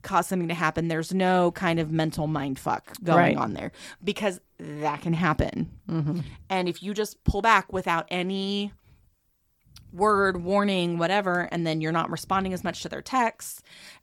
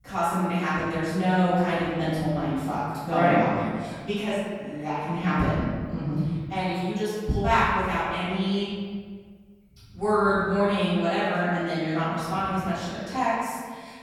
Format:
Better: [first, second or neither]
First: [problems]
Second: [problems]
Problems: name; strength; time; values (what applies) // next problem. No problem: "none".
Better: first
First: none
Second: off-mic speech; far // room echo; strong; dies away in 1.6 s